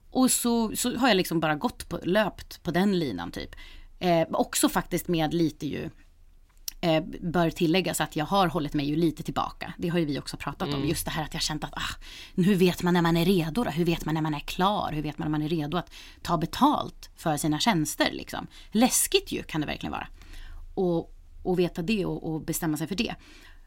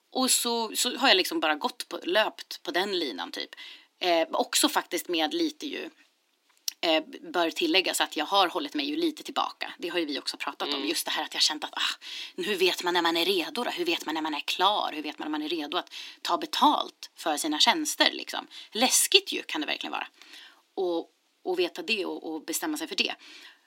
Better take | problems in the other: first | thin; somewhat; fading below 300 Hz

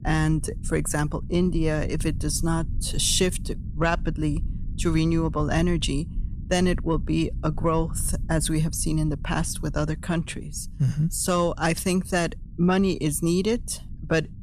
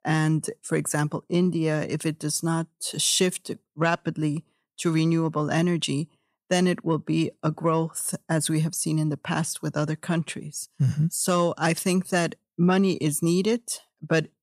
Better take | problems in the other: second | low rumble; faint; throughout; 20 dB below the speech

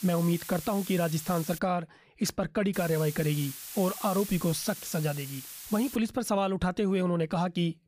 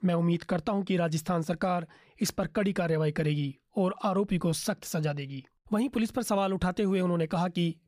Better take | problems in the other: second | hiss; noticeable; until 1.5 s and from 2.5 to 6 s; 10 dB below the speech

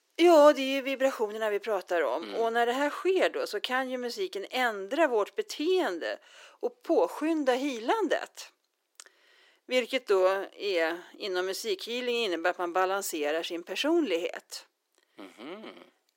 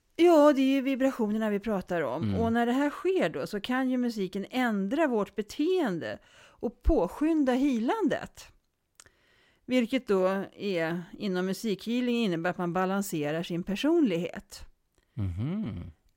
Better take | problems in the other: second | thin; somewhat; fading below 350 Hz

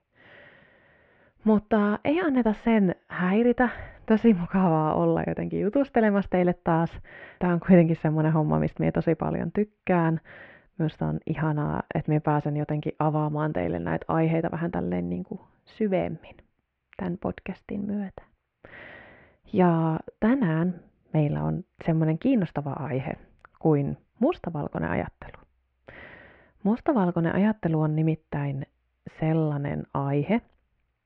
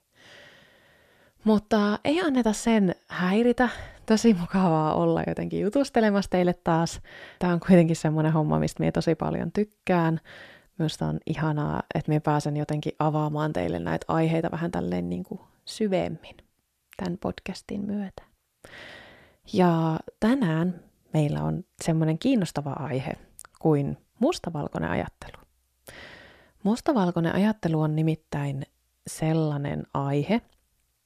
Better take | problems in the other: second | muffled; very; fading above 2.5 kHz

